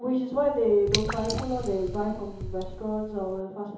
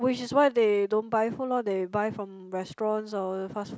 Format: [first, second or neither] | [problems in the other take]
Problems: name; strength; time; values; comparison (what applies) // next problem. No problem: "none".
second | background sound (Drip / Water); 7 dB below the speech // room echo; dies away in 2.8 s